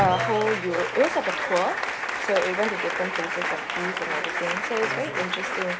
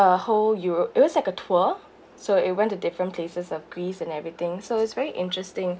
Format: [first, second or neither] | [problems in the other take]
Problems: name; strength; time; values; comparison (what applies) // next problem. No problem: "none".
second | background sound (Applause); 1 dB below the speech